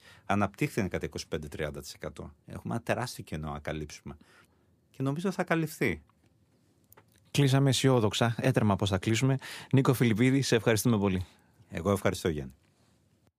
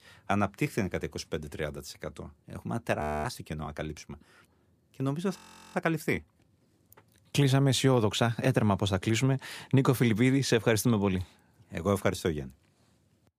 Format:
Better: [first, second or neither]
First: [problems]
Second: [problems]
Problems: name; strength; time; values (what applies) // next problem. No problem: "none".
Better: first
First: none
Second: audio freezing; at 3 s and at 5.5 s